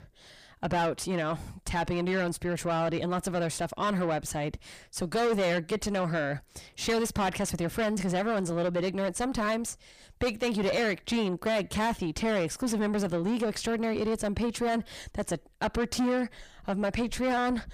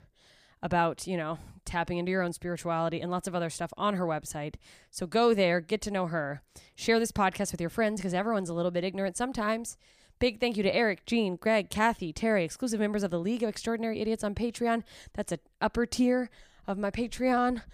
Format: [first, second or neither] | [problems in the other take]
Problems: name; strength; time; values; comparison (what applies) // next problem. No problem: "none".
second | distortion; heavy; 6 dB below the speech